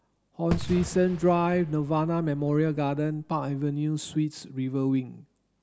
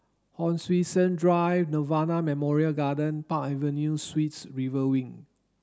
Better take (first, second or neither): second